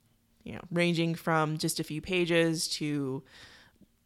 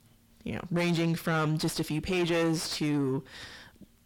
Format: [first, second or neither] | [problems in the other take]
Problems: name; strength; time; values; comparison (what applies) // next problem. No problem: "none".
first | distortion; heavy; 7 dB below the speech